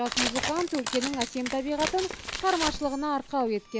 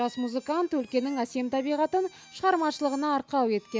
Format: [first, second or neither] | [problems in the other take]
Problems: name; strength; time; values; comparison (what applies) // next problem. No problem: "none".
second | background sound (Tearing); 5 dB below the speech